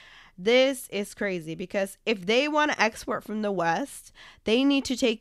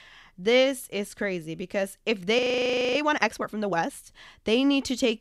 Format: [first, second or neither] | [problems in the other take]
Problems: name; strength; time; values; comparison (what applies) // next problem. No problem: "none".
first | audio freezing; at 2.5 s for 0.5 s